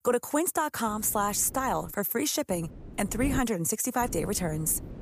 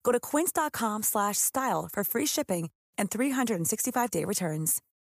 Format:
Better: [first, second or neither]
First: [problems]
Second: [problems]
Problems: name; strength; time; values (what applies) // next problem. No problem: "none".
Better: second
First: wind noise on the microphone; occasional gusts; from 1 to 2 s, at 2.5 s and from 4 s on; 20 dB below the speech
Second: none